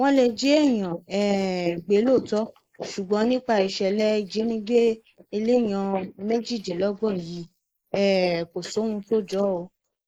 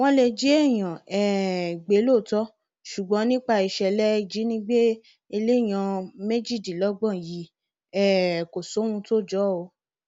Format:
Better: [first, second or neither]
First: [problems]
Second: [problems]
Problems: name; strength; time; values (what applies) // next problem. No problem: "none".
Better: second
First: noise reduction (neural mask model Resemble Enhance denoiser)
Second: none